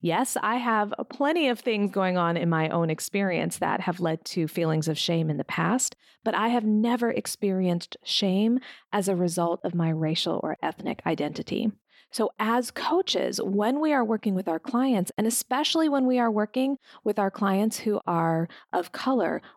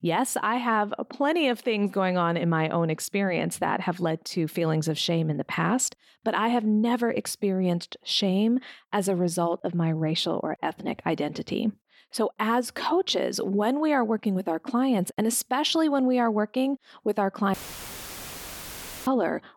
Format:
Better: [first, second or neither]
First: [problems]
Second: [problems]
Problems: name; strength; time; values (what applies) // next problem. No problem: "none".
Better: first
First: none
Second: audio cutting out; filled with static; at 18 s for 1.5 s